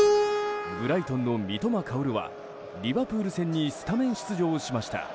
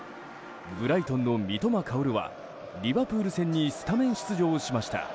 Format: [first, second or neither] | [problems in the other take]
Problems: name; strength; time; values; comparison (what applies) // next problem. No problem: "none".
second | background sound (Keyboard (musical)); 3 dB below the speech